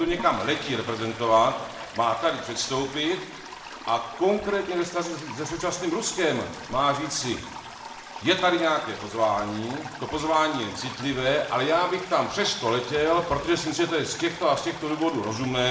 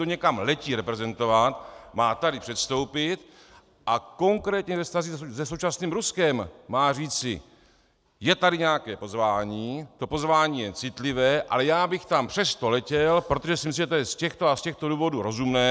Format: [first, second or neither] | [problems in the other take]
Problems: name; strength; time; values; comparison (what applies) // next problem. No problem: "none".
second | background sound (Toilet flush); 13 dB below the speech // room echo; dies away in 0.9 s